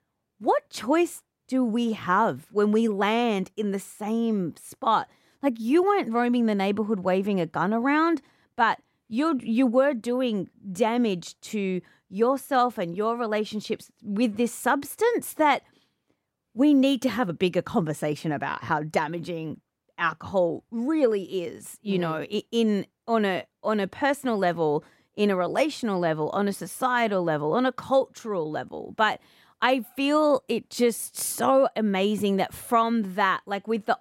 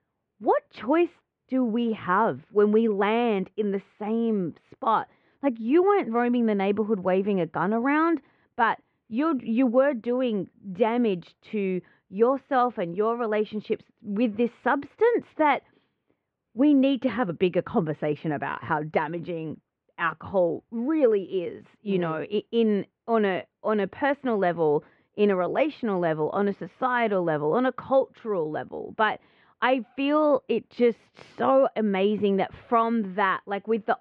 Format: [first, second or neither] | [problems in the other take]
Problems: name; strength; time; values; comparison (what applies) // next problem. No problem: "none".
first | muffled; very; fading above 3 kHz